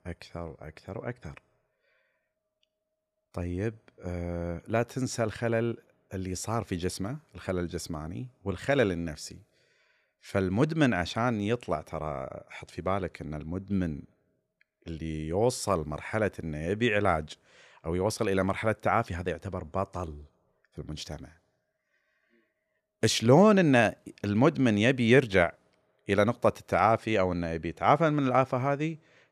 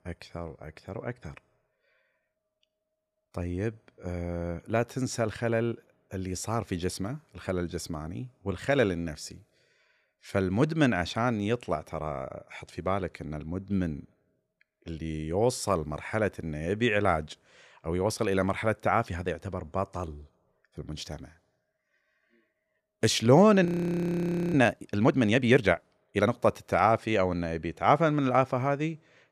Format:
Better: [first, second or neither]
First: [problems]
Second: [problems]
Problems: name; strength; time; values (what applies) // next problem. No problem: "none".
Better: first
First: none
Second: audio freezing; at 24 s for 1 s